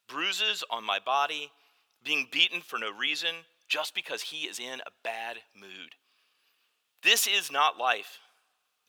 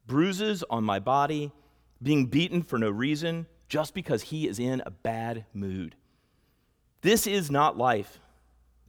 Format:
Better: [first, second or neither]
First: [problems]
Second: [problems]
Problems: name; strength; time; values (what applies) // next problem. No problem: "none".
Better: second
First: thin; very; fading below 900 Hz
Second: none